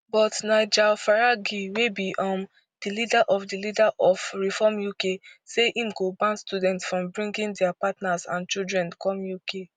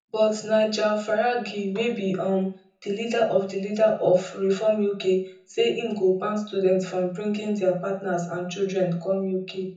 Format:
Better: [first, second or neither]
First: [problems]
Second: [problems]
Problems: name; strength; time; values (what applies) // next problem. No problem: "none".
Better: first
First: none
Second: room echo; dies away in 0.5 s